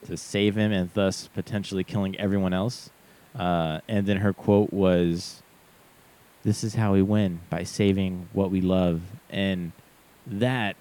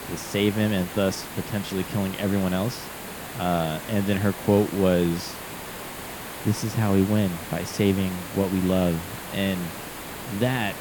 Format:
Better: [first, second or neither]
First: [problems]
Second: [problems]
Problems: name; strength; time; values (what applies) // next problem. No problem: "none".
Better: first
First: hiss; faint; throughout; 30 dB below the speech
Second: hiss; loud; throughout; 10 dB below the speech